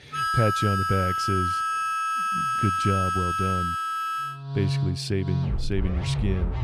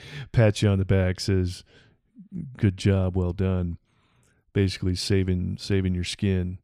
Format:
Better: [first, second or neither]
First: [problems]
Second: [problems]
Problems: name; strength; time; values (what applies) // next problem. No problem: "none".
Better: second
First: background music; very loud; throughout; 2 dB above the speech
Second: none